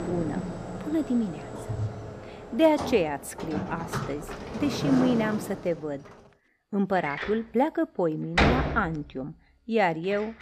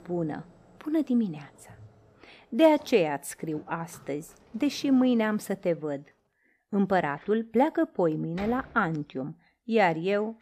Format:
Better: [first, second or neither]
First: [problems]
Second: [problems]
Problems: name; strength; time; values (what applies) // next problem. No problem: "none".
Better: second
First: household noises; loud; throughout; 4 dB below the speech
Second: household noises; faint; throughout; 25 dB below the speech